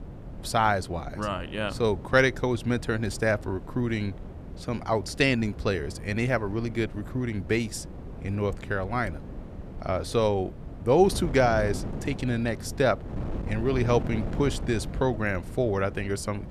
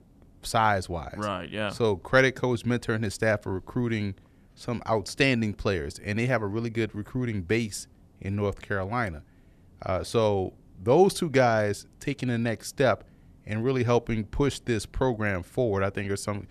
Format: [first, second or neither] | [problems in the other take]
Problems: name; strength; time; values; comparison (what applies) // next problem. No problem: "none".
second | wind noise on the microphone; occasional gusts; 15 dB below the speech